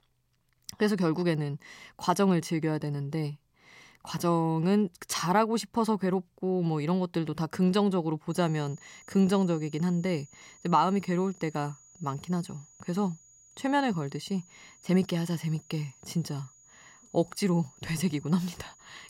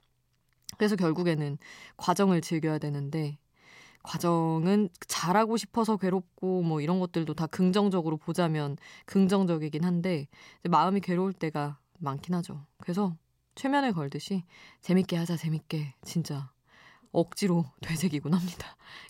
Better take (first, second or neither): second